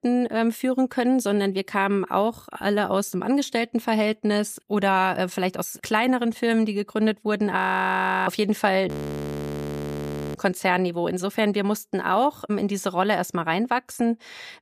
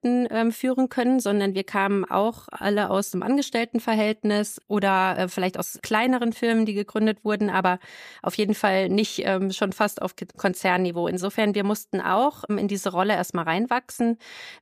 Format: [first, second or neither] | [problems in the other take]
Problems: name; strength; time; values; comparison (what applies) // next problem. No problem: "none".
second | audio freezing; at 7.5 s for 0.5 s and at 9 s for 1.5 s